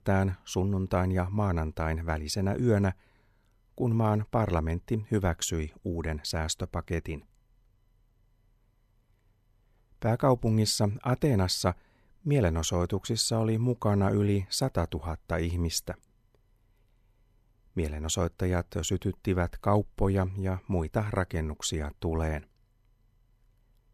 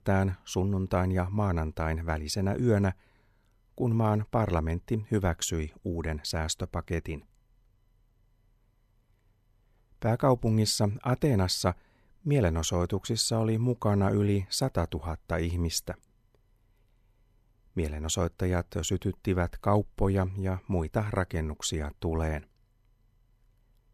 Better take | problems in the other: neither | none

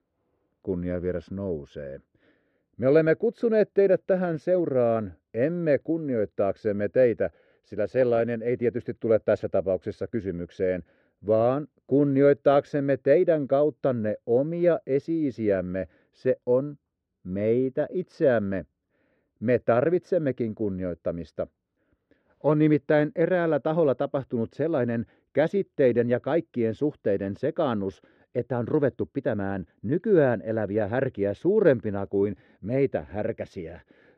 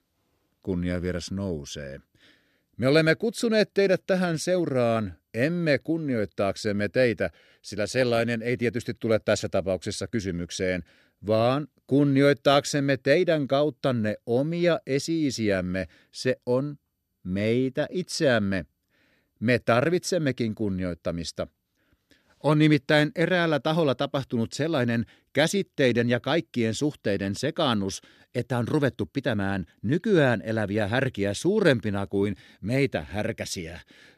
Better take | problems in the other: second | muffled; very; fading above 3.5 kHz

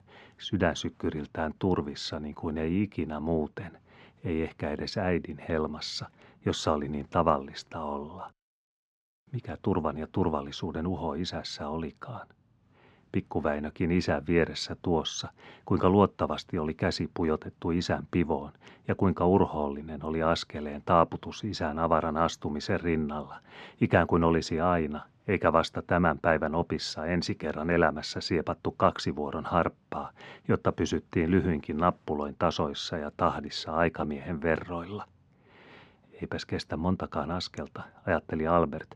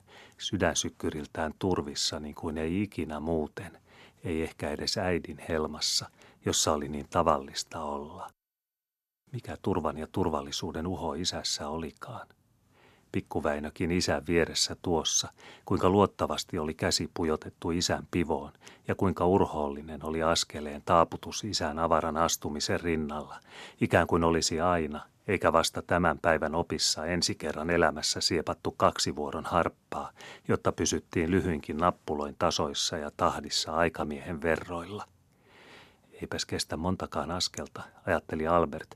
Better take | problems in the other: second | muffled; slightly; fading above 3.5 kHz

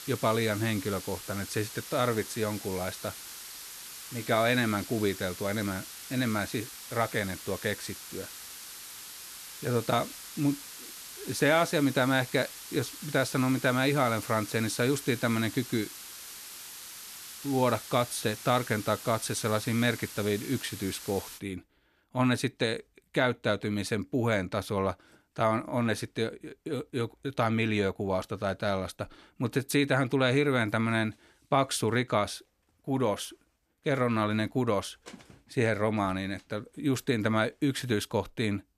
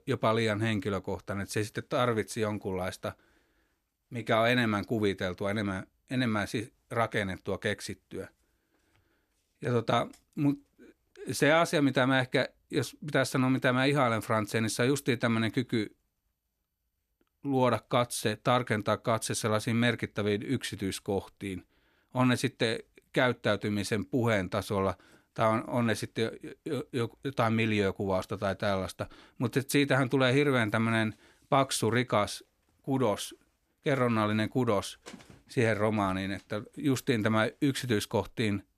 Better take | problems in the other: second | hiss; noticeable; until 21 s; 10 dB below the speech

